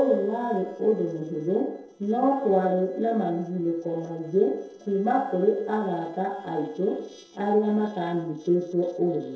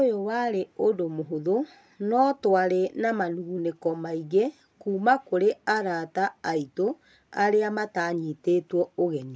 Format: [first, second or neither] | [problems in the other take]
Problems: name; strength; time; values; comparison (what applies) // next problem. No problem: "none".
second | noise reduction (neural separator model SepFormer DNS4)